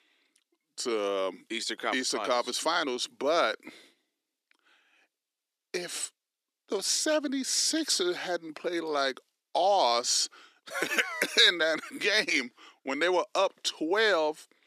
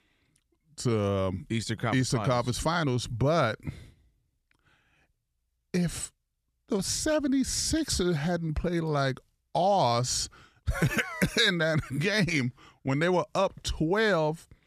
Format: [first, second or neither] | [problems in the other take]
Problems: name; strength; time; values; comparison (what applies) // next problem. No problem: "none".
second | thin; somewhat; fading below 300 Hz